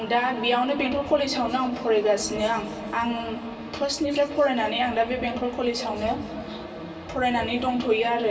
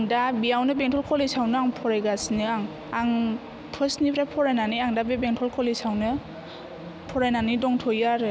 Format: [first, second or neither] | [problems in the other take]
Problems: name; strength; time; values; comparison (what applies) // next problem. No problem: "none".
second | room echo; dies away in 2.3 s